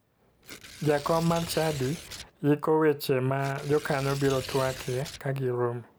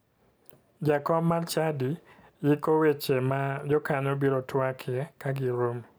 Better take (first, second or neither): second